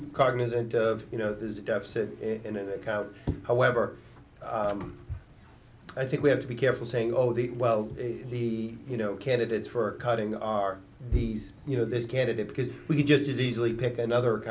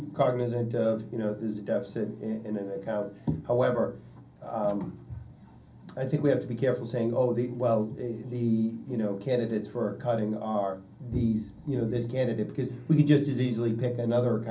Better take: first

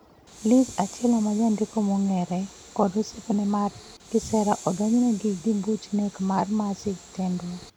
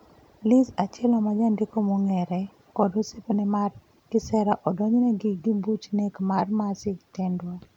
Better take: second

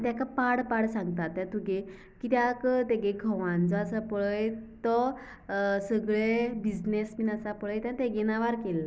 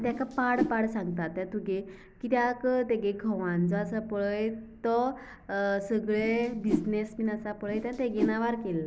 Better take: first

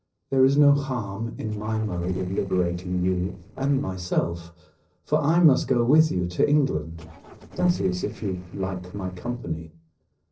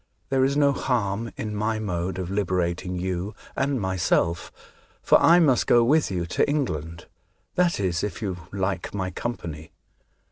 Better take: second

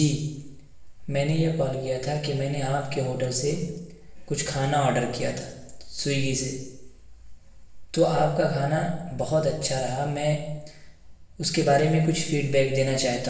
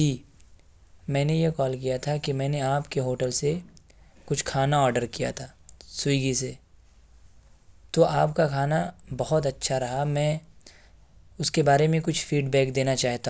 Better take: second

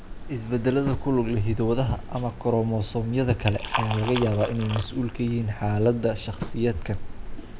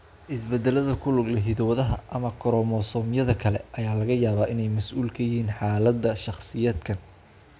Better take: second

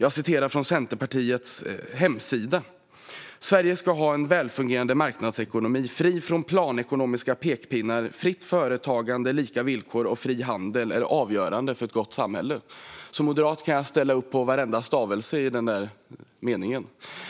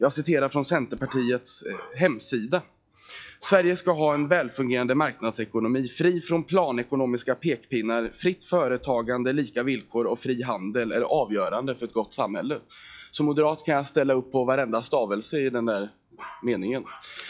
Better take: first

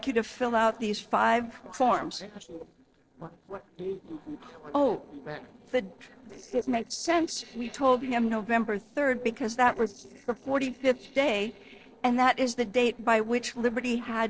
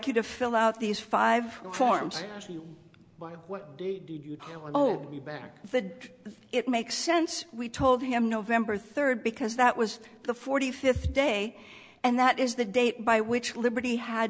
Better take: second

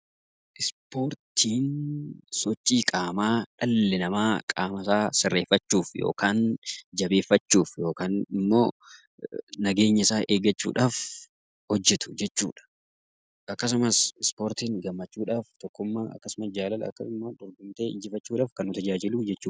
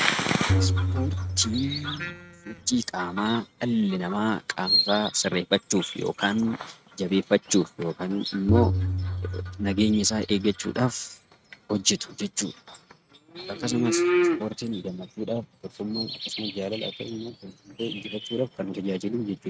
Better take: first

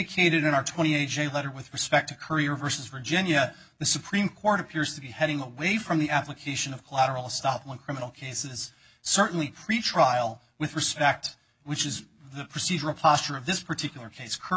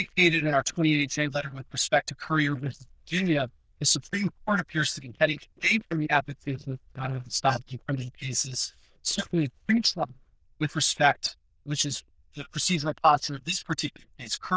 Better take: first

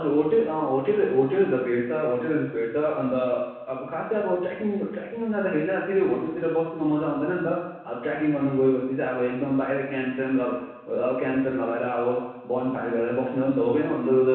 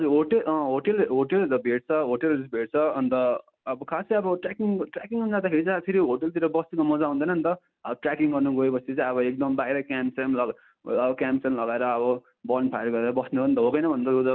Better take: second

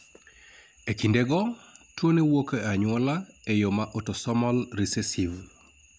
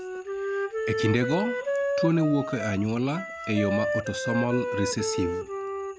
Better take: first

